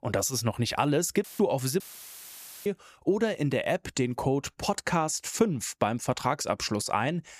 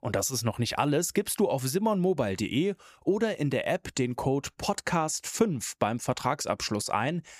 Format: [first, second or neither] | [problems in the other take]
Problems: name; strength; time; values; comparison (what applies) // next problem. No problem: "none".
second | audio cutting out; filled with static; at 1 s and at 2 s for 1 s